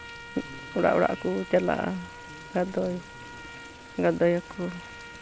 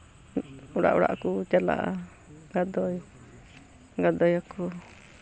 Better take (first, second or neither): second